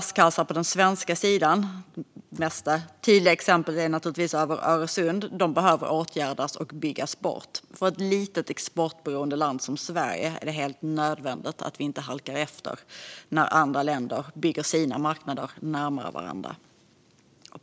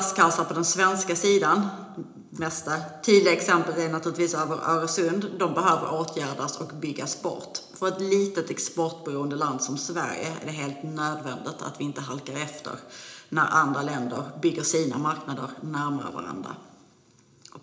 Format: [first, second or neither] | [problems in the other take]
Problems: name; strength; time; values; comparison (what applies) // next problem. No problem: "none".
first | room echo; dies away in 0.8 s